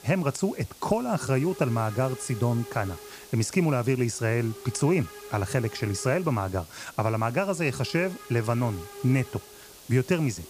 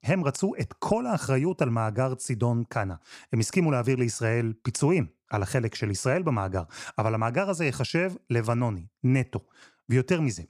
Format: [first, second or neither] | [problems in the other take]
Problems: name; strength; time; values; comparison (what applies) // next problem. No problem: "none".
second | hiss; noticeable; throughout; 15 dB below the speech